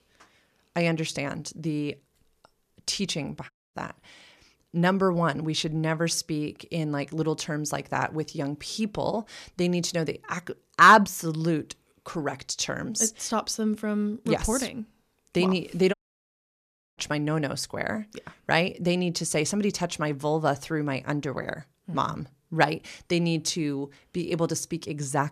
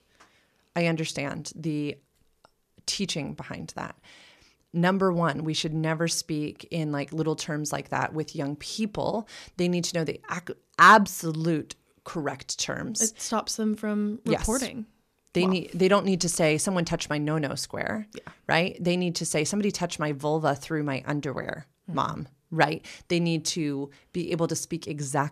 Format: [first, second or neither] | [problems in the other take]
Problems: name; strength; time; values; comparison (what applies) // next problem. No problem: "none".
second | audio cutting out; at 3.5 s and at 16 s for 1 s